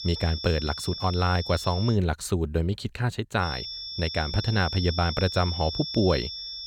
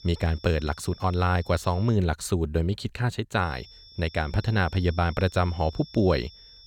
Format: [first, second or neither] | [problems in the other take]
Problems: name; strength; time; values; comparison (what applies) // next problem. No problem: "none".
second | high-pitched whine; loud; until 2 s and from 3.5 s on; 5.5 kHz, 6 dB below the speech; faint in the second